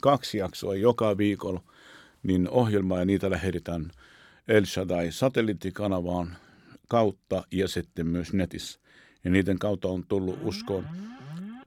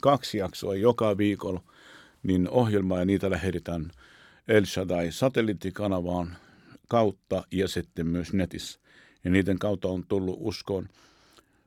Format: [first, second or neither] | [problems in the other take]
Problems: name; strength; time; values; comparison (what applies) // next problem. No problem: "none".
second | alarm; faint; from 10 s on; peak 10 dB below the speech